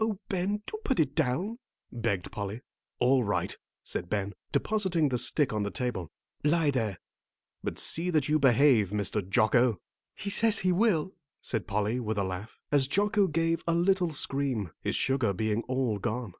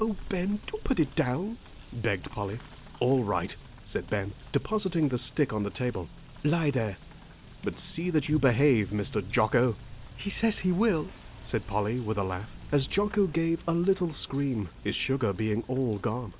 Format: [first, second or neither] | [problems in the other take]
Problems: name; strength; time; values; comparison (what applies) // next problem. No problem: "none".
first | background sound (Motor vehicle (road) / Rain); 16 dB below the speech